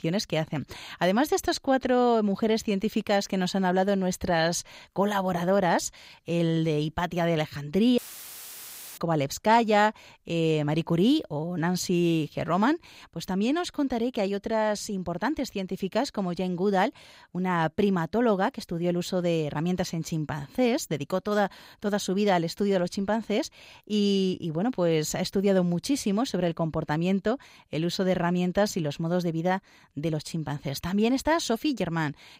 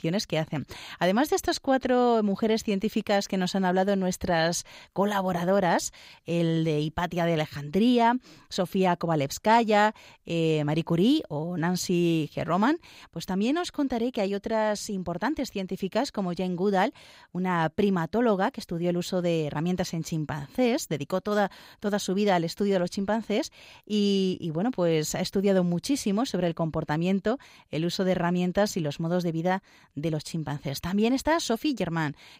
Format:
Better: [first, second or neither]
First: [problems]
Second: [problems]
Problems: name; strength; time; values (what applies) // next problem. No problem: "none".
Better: second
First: audio cutting out; filled with static; at 8 s for 1 s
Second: none